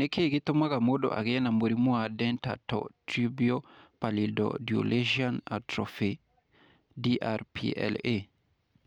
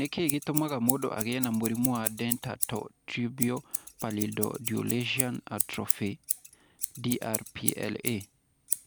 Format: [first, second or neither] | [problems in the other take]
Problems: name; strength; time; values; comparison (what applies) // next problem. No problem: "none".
first | background sound (Scissors); 3 dB below the speech